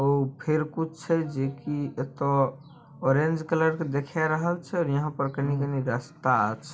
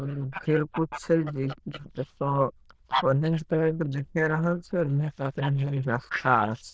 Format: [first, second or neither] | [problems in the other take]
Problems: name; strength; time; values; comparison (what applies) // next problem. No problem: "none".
first | noise reduction (neural diffusion model UNIVERSE++)